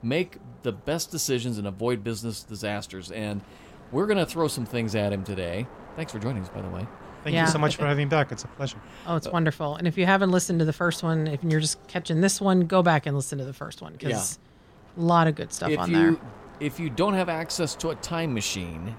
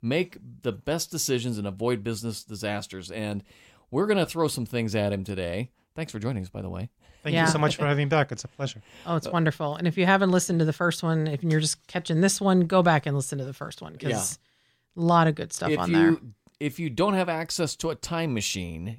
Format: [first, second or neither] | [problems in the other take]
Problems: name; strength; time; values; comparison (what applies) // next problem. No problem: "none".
second | wind noise on the microphone; occasional gusts; 20 dB below the speech